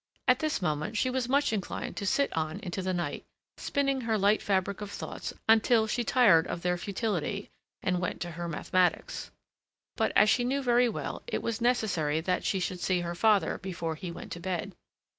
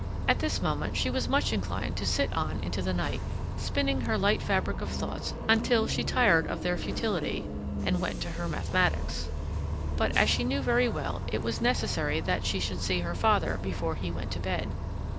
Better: first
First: none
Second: background sound (Bus); 2 dB below the speech

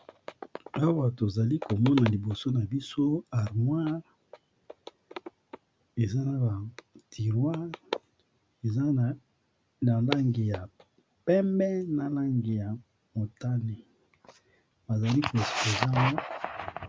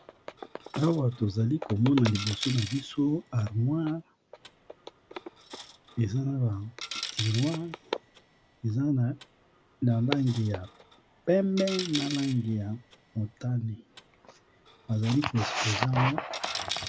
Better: first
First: none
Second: background sound (Coin (dropping)); 14 dB below the speech

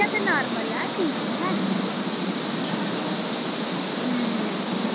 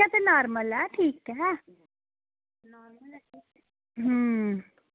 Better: second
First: background sound (Cricket); 4 dB above the speech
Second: none

